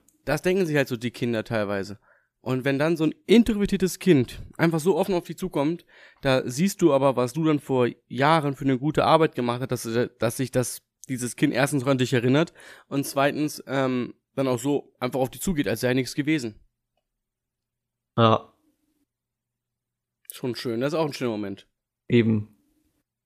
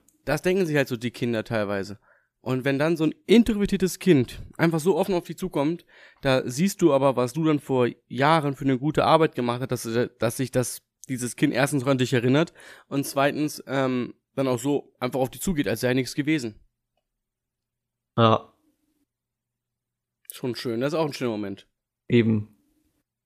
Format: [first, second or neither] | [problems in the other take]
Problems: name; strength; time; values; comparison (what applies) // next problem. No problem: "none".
neither | none